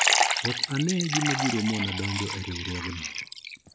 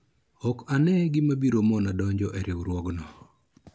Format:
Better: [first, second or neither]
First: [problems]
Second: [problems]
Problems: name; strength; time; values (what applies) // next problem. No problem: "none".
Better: second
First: background sound (Liquid); 2 dB above the speech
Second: none